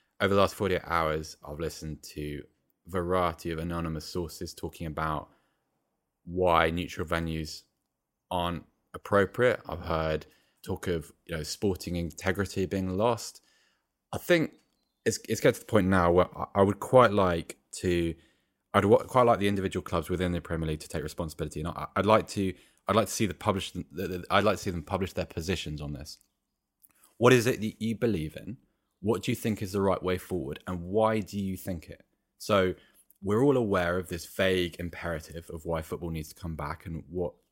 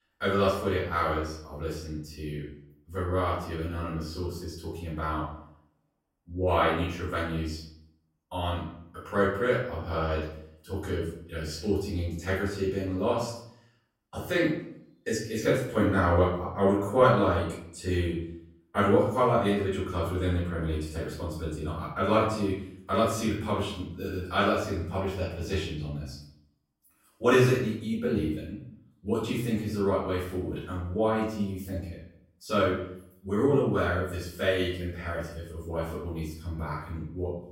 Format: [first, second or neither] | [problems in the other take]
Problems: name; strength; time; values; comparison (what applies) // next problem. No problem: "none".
first | room echo; noticeable; dies away in 0.6 s // off-mic speech; far